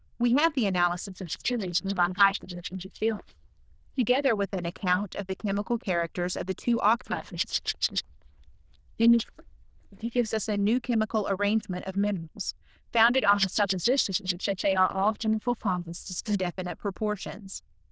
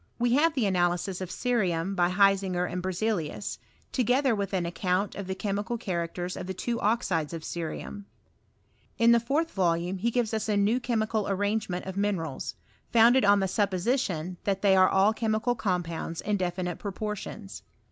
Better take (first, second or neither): second